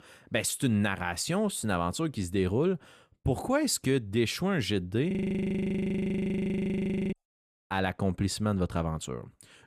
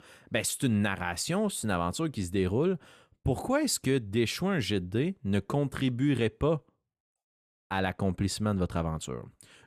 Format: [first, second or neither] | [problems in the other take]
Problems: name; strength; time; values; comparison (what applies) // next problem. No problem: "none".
second | audio freezing; at 5 s for 2 s